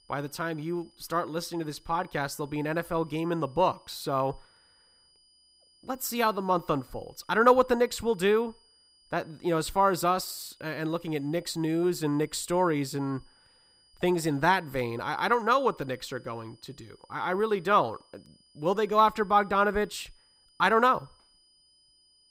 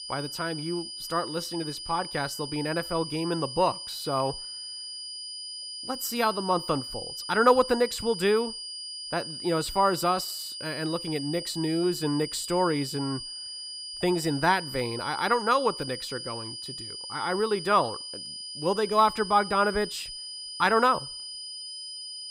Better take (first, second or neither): first